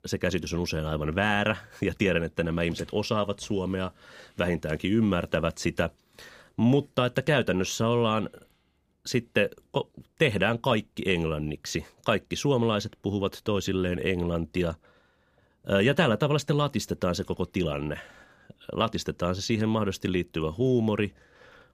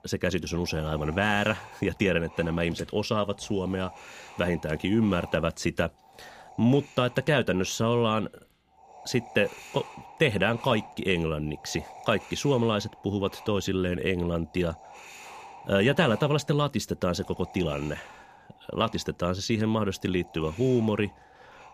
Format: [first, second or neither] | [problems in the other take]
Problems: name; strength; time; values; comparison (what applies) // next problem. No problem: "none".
first | wind noise on the microphone; occasional gusts; 15 dB below the speech